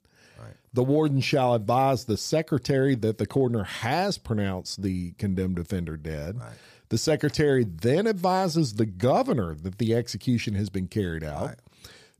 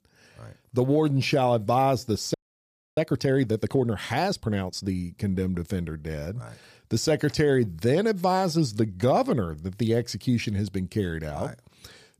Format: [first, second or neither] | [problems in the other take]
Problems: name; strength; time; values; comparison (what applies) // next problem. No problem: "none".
first | audio freezing; at 2.5 s for 0.5 s